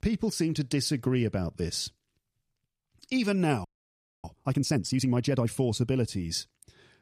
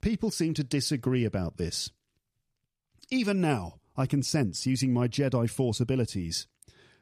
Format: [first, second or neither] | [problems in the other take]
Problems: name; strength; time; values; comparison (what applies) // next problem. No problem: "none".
second | audio freezing; at 3.5 s for 0.5 s